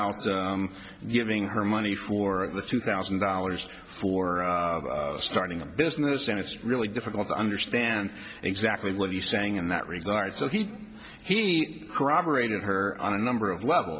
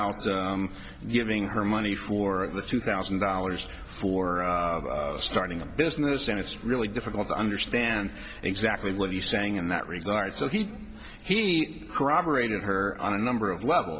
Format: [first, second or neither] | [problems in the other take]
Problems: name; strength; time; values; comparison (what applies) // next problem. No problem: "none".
first | background sound (Insect); 17 dB below the speech